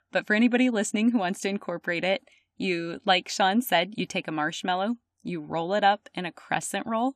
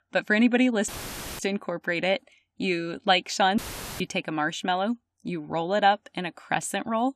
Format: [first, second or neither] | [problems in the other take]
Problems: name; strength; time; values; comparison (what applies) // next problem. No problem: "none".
first | audio cutting out; filled with static; at 1 s for 0.5 s and at 3.5 s